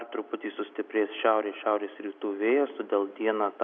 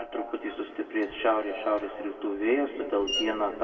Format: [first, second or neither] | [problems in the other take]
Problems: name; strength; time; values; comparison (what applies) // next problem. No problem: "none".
first | background sound (Screech); 12 dB below the speech // room echo; dies away in 2.5 s